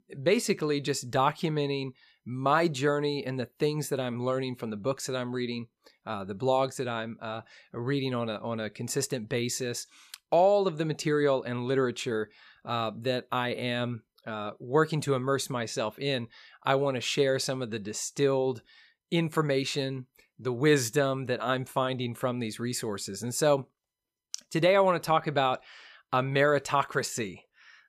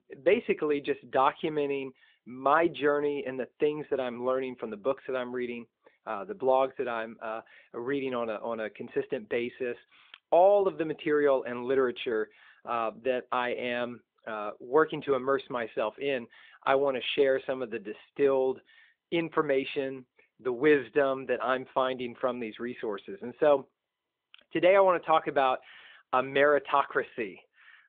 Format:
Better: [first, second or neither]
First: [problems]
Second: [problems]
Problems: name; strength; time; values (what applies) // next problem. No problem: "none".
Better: first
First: none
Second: phone-call audio; nothing above 3.5 kHz